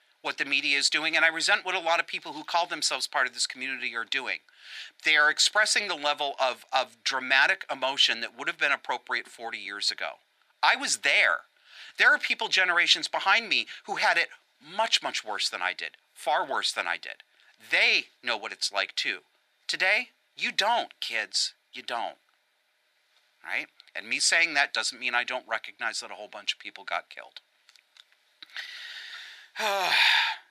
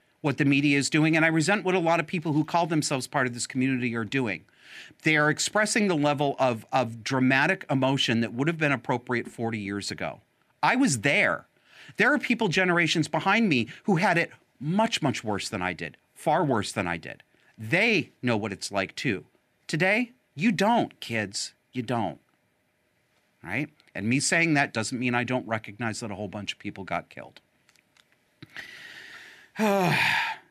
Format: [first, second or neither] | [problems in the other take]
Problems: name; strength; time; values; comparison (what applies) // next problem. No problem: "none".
second | thin; very; fading below 800 Hz